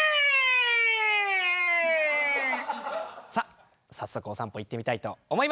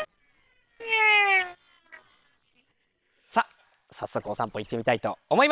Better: first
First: none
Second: noise reduction (neural separator model SepFormer WHAM!)

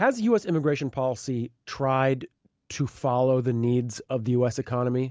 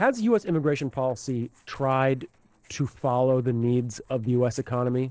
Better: first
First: none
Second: noise reduction (neural separator model SepFormer DNS4)

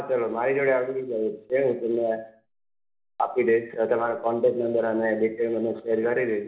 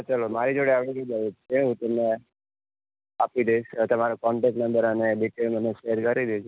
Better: second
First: room echo; dies away in 0.6 s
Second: none

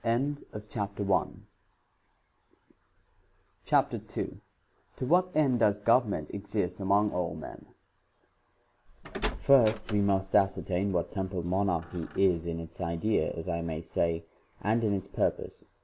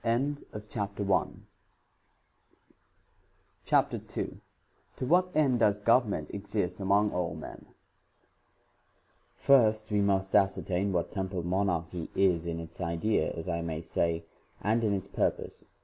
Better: second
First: background sound (Door); 11 dB below the speech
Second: none

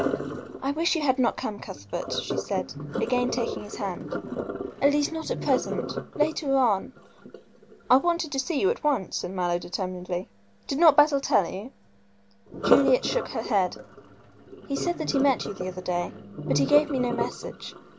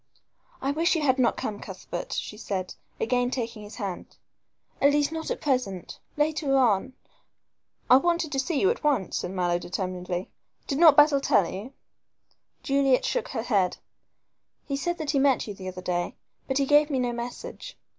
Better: second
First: background sound (Sink (filling or washing)); 7 dB below the speech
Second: none

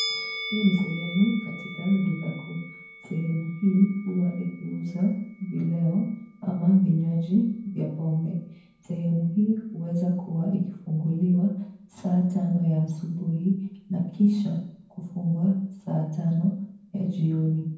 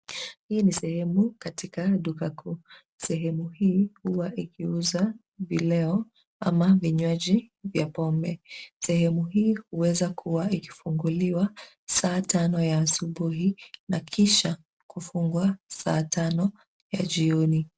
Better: second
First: background sound (Musical instrument); 17 dB below the speech // room echo; dies away in 0.9 s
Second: none

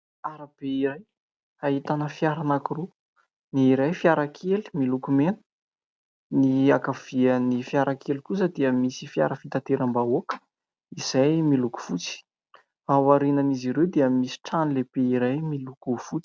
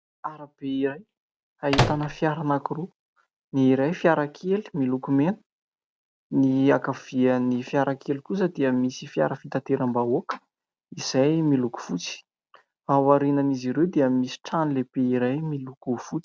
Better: first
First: none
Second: background sound (Microwave oven); 1 dB above the speech

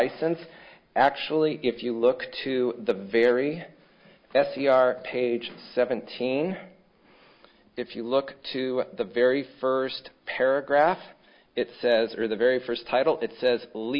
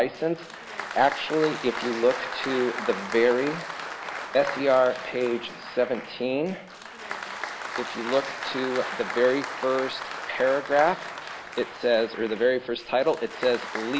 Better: first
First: none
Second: background sound (Applause); 9 dB below the speech

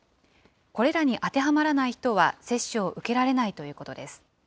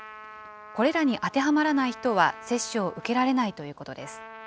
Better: first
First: none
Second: background sound (Trumpet); 18 dB below the speech

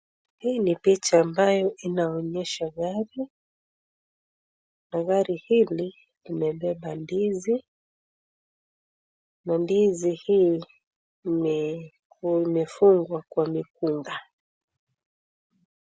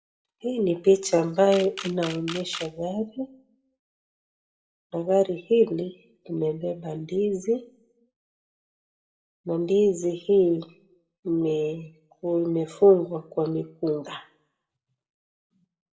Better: first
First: none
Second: background sound (Camera); 13 dB below the speech // room echo; dies away in 0.4 s

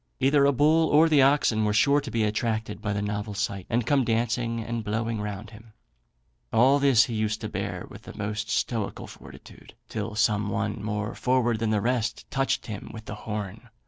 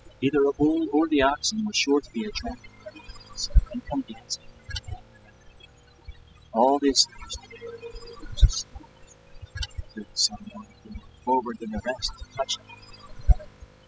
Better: first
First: none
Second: noise reduction (classical method spectral subtraction)

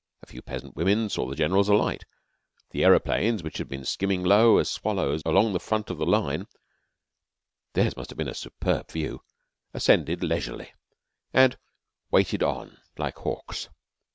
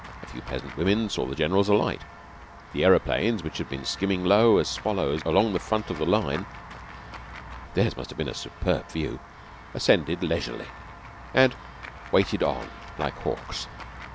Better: first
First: none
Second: background sound (Walk, footsteps / Run / Bell); 15 dB below the speech

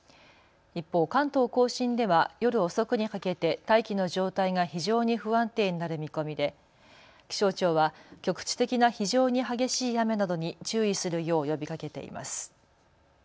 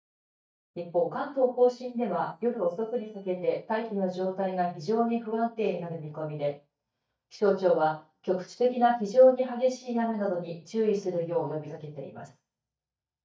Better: first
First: none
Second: noise reduction (neural mask model DeepFilterNet 3)

